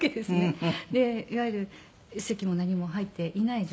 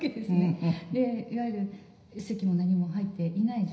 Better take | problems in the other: first | room echo; dies away in 0.9 s

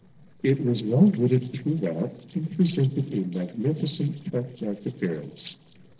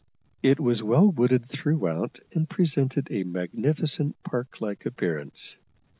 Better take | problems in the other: second | noise reduction (neural separator model SepFormer DNS4)

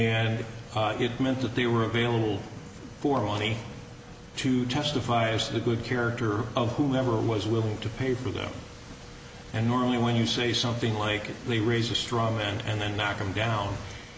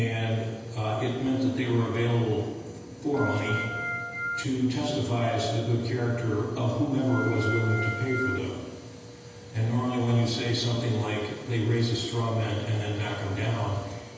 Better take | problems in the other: first | background sound (Organ); 5 dB below the speech // room echo; dies away in 1.1 s

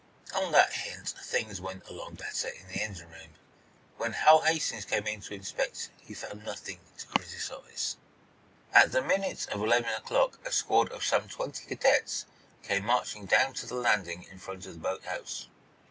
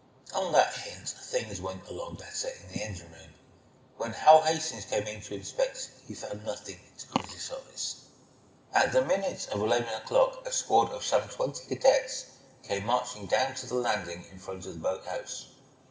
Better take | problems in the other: first | room echo; dies away in 1.3 s

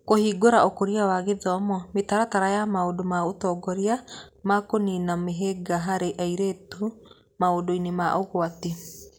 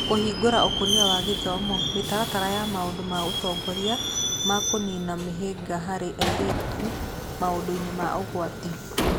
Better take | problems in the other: first | background sound (Subway, metro, underground); as loud as the speech

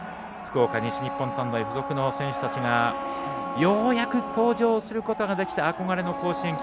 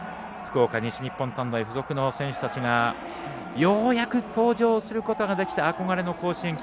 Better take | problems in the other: second | background sound (Wind instrument, woodwind instrument); 8 dB below the speech

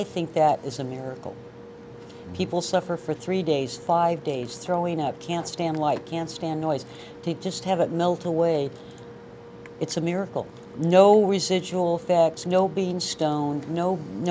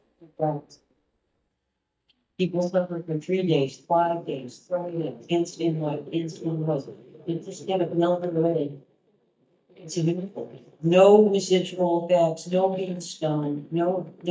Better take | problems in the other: first | noise reduction (neural mask model DeepFilterNet 3)

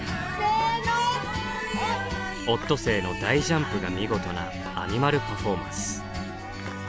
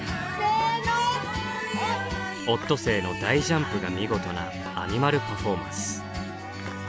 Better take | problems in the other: second | background sound (Wind); 17 dB below the speech

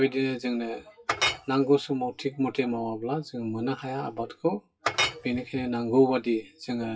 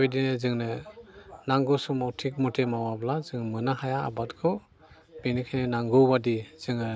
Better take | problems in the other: second | noise reduction (classical method WPE with log-MMSE)

